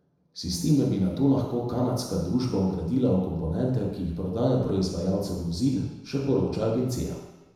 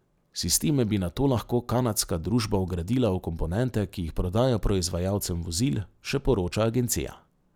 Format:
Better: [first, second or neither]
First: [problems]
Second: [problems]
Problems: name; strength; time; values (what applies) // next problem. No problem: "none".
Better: second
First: room echo; dies away in 1 s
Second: none